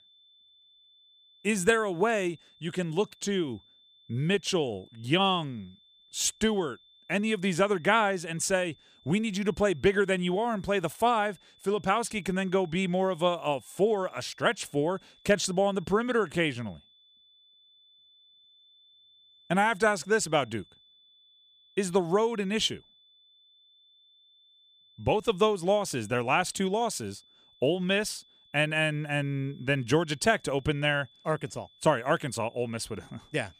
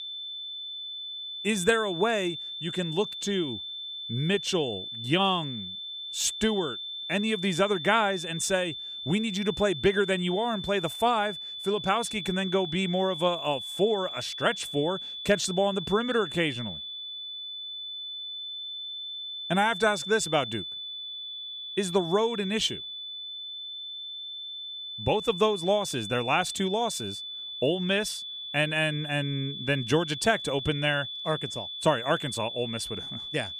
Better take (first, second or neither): first